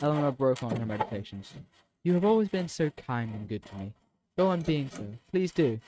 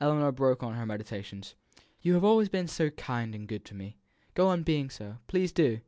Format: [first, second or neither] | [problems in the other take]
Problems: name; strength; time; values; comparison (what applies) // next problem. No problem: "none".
second | noise reduction (neural mask model RNNoise)